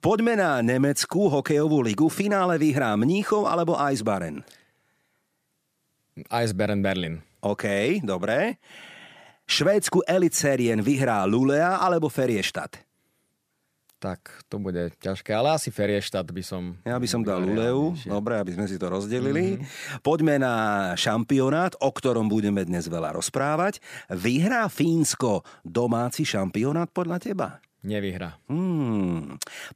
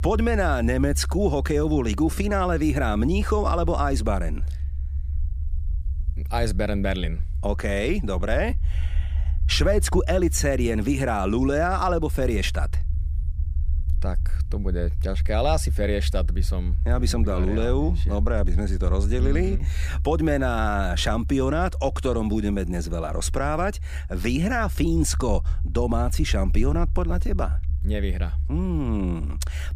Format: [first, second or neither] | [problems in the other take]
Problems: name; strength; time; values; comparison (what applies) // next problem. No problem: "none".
first | low rumble; faint; throughout; 20 dB below the speech